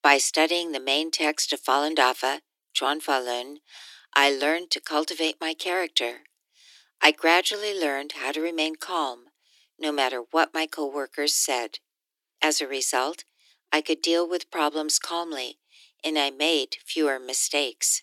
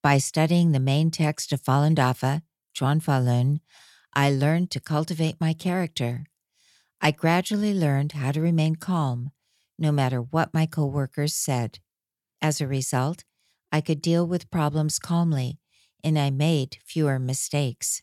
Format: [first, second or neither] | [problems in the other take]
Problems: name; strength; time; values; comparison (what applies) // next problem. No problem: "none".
second | thin; very; fading below 300 Hz